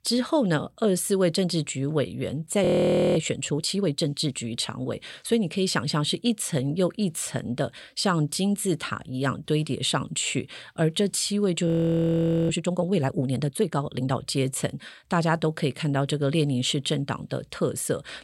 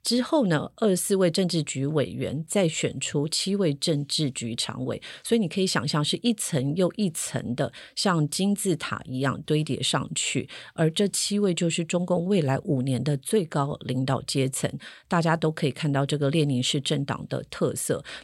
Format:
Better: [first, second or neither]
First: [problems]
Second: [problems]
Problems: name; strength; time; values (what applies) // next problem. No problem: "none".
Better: second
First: audio freezing; at 2.5 s for 0.5 s and at 12 s for 1 s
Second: none